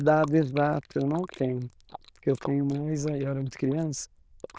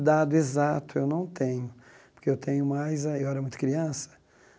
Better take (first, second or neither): second